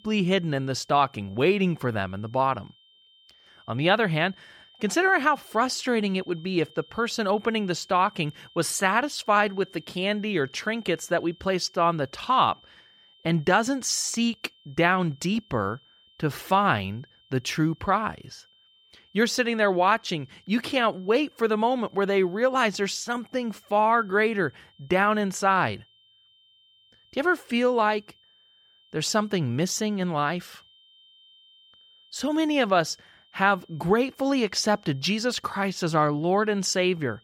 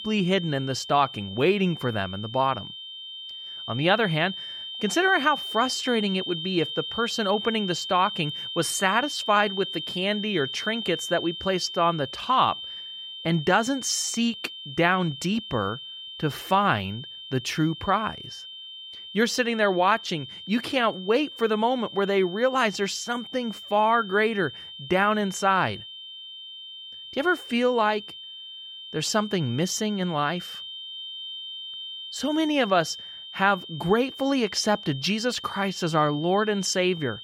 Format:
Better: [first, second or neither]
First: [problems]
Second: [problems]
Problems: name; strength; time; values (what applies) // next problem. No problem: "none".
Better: first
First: high-pitched whine; faint; throughout; 3 kHz, 30 dB below the speech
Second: high-pitched whine; loud; throughout; 3 kHz, 10 dB below the speech